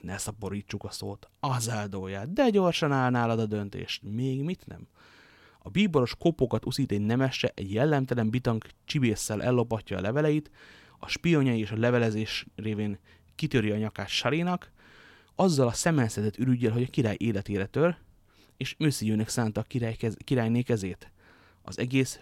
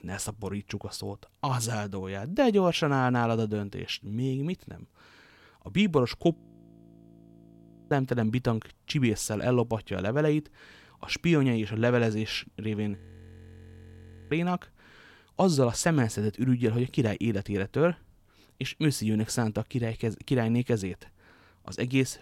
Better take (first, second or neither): first